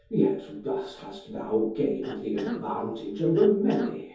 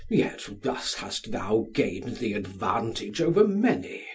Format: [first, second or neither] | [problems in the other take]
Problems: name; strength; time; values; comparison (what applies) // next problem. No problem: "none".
second | background sound (Cough); 11 dB below the speech // room echo; dies away in 0.6 s